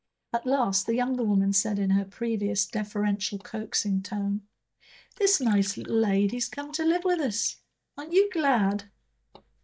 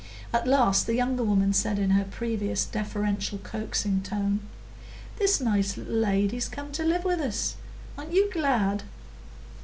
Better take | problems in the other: second | noise reduction (neural mask model DeepFilterNet 3)

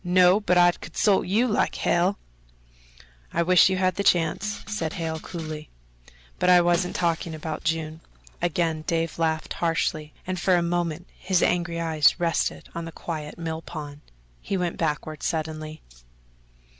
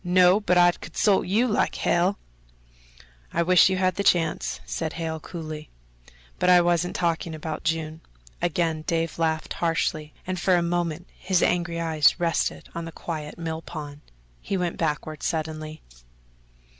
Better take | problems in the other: second | background sound (Rattle (instrument) + Shatter); 17 dB below the speech

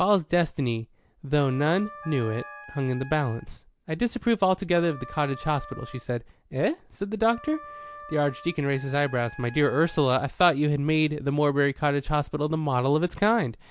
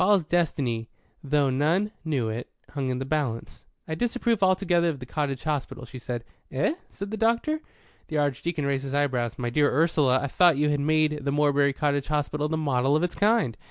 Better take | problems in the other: second | background sound (Wind instrument, woodwind instrument + Wind instrument, woodwind instrument); 19 dB below the speech

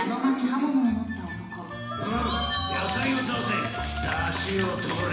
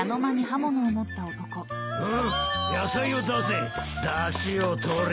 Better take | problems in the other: second | background sound (Typing); 18 dB below the speech // room echo; dies away in 1 s

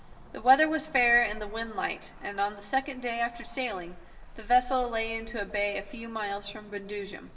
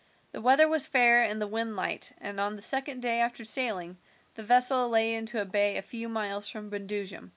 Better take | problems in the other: second | background sound (Cricket / Motor vehicle (road)); 15 dB below the speech // room echo; dies away in 0.8 s

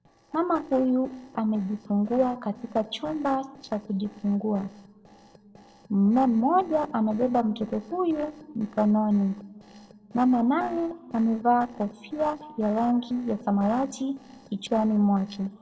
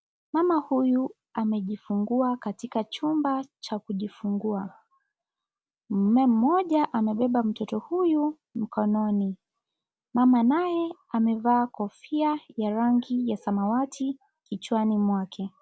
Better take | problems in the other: second | noise reduction (neural separator model SepFormer DNS4)

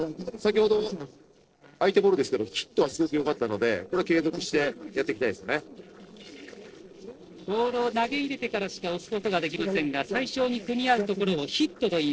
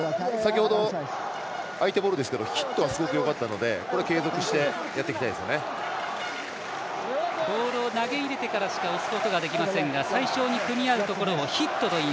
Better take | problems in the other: second | noise reduction (neural separator model SepFormer DNS4)

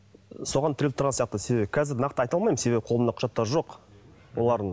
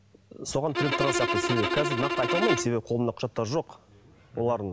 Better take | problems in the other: first | background sound (Bowed string instrument); as loud as the speech

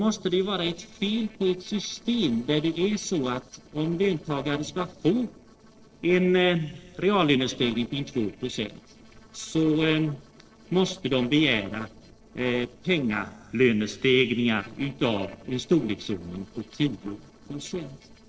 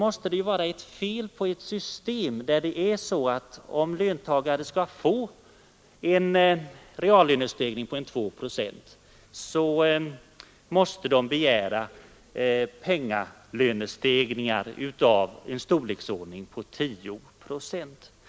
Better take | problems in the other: second | noise reduction (neural separator model SepFormer DNS4)

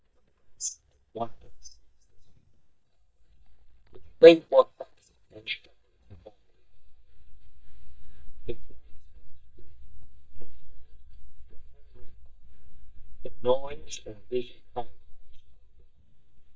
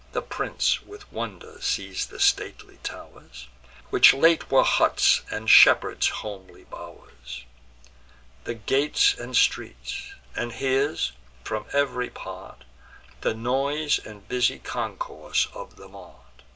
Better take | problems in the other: second | noise reduction (neural mask model DeepFilterNet 3)

